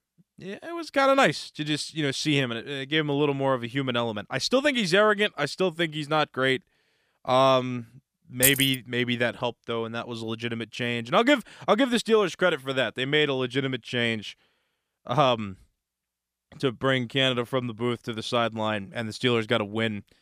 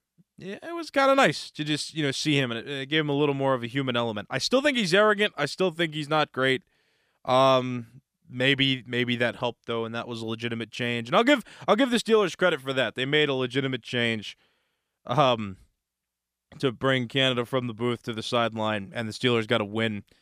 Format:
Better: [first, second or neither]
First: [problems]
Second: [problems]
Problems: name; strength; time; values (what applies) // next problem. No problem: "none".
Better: second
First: jangling keys; loud; at 8.5 s; peak 2 dB above the speech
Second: none